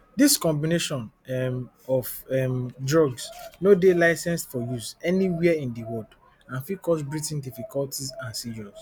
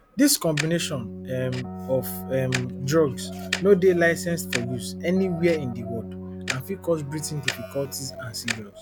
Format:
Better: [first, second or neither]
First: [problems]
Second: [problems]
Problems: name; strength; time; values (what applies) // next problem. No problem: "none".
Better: first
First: none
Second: background sound (Keyboard (musical) + Tick-tock); 9 dB below the speech